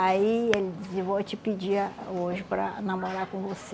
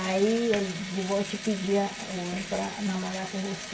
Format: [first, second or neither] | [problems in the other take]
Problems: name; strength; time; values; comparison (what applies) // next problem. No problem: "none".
first | background sound (Engine / Drill); 11 dB below the speech // room echo; dies away in 0.2 s